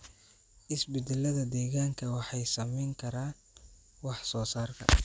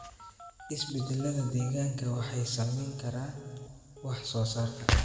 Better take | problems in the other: first | background sound (Telephone); 20 dB below the speech // room echo; dies away in 1.8 s

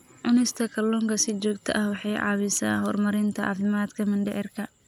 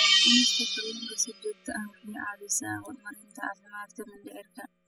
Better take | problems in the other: first | noise reduction (classical method spectral subtraction)

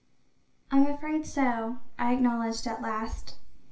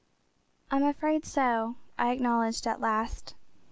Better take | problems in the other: second | room echo; dies away in 0.4 s

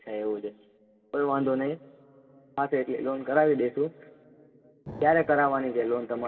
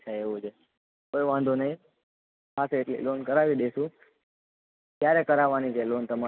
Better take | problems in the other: second | background sound (Explosion); 19 dB below the speech // room echo; dies away in 2.3 s

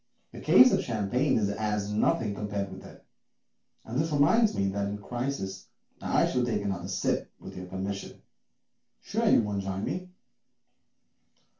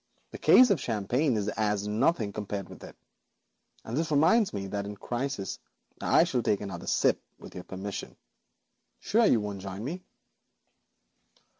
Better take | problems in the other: second | room echo; dies away in 0.2 s

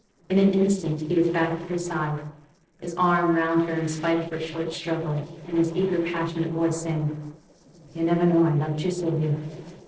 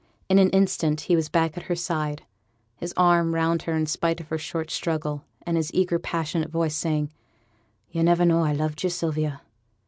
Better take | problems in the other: second | noise reduction (neural separator model SepFormer DNS4)

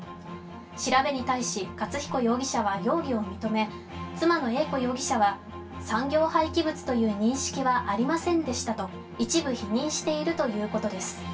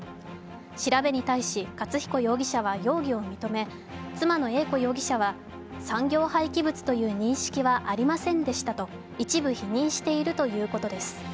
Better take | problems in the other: second | room echo; dies away in 0.2 s

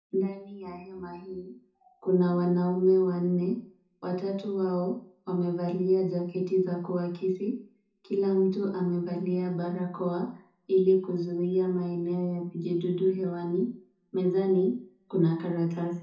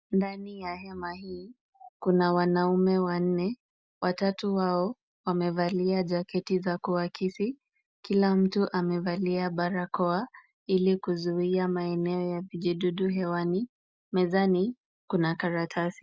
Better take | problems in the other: second | room echo; dies away in 0.6 s

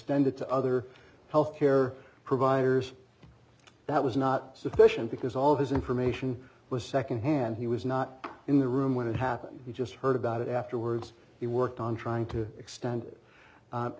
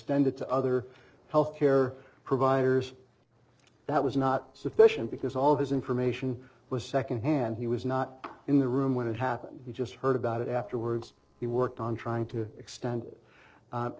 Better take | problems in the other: first | noise reduction (neural separator model SepFormer DNS4)

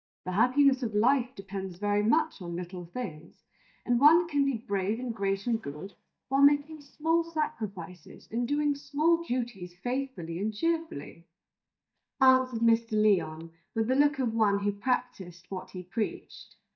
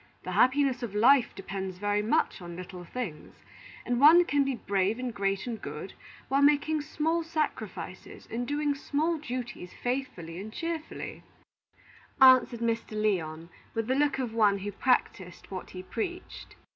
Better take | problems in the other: second | noise reduction (neural mask model DeepFilterNet 3)

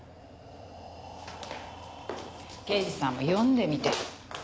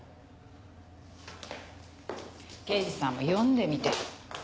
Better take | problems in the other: second | background sound (Breathing); 17 dB below the speech

